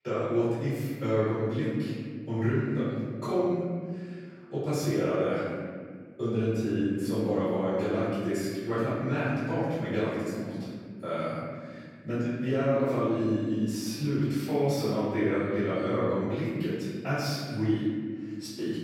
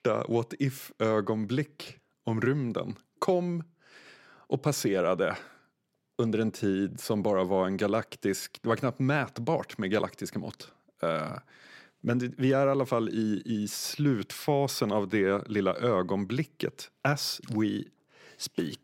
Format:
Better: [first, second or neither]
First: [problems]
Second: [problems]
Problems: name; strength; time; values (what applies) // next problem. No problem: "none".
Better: second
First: off-mic speech; far // room echo; strong; dies away in 2.1 s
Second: none